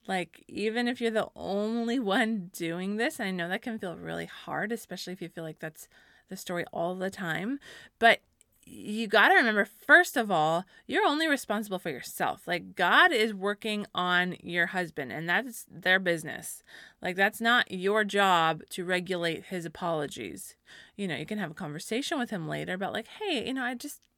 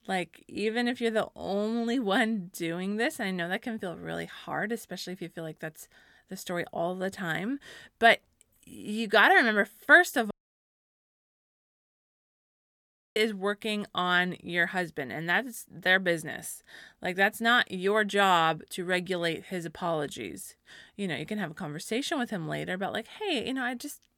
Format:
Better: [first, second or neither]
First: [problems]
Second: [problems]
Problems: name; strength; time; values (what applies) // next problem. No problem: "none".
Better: first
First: none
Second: audio cutting out; at 10 s for 3 s